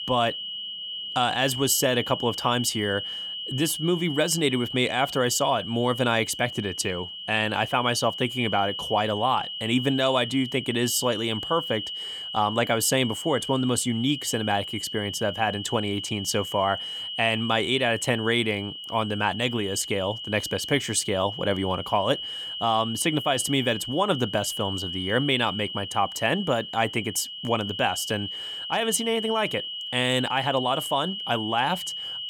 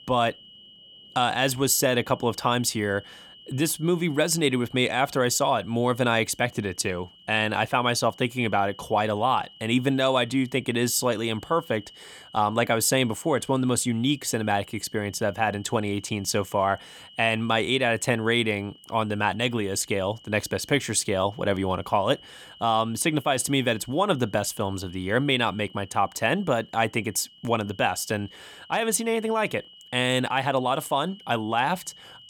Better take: second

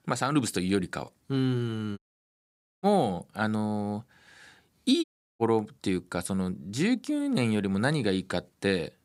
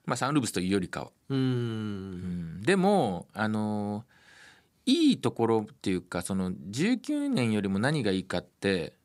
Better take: second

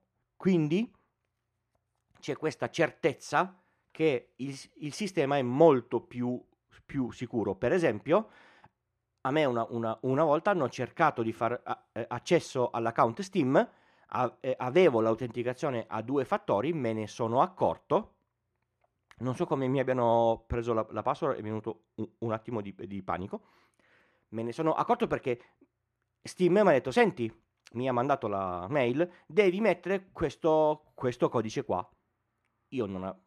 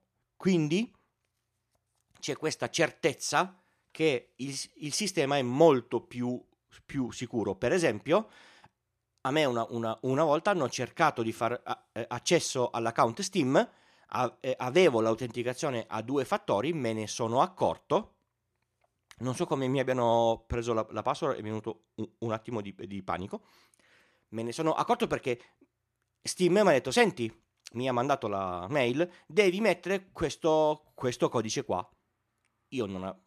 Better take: second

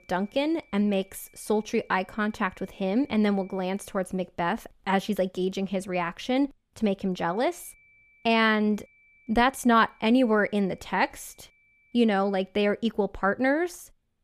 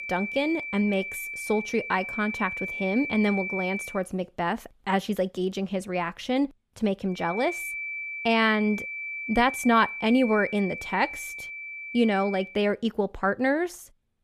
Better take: first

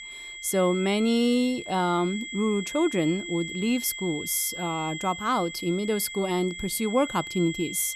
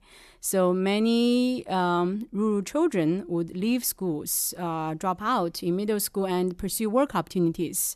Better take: second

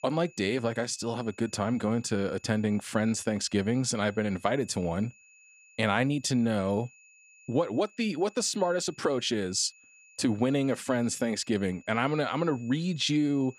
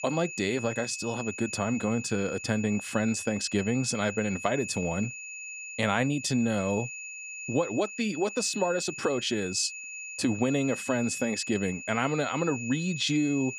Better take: first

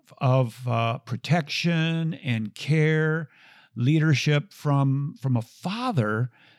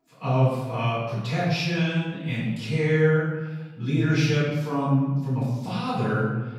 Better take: first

